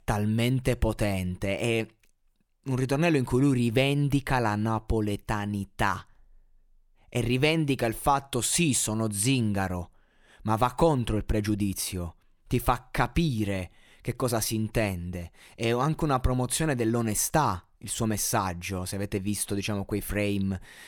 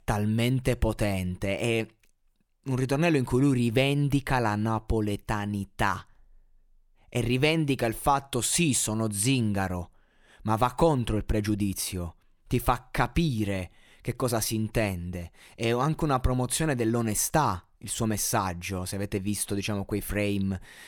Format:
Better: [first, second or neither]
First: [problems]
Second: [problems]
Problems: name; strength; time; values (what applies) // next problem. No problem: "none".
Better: neither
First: none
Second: none